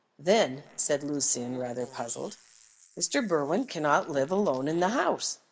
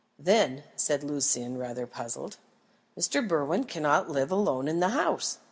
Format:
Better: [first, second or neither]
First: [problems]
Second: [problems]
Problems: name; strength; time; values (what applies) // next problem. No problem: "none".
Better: second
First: noise reduction (neural mask model Resemble Enhance denoiser)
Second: none